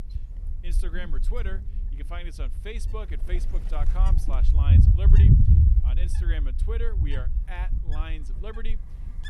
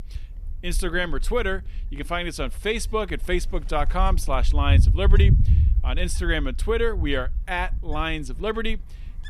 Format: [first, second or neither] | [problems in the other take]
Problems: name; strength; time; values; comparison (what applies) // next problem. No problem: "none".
second | wind noise on the microphone; heavy; 2 dB above the speech; occasional gusts in the second